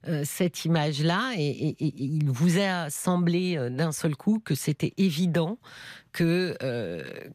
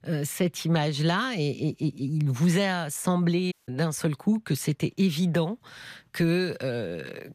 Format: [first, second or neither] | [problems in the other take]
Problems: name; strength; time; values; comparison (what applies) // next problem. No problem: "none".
first | audio cutting out; at 3.5 s